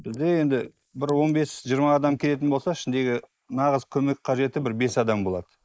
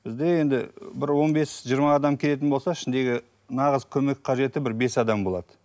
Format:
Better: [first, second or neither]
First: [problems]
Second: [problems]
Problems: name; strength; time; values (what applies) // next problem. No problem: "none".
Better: second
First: noise reduction (neural mask model Resemble Enhance denoiser)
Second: none